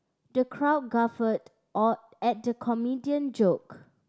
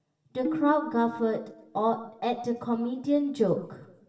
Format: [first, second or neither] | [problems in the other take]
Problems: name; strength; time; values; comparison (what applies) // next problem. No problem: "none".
first | background sound (Tabla); 9 dB below the speech // room echo; dies away in 0.7 s